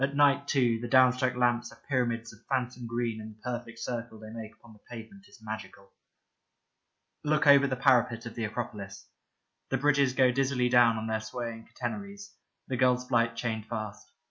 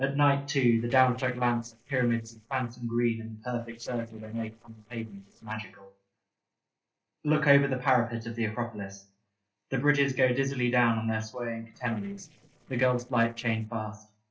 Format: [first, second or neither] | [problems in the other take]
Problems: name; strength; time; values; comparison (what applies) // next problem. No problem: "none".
first | noise reduction (neural separator model SepFormer DNS4)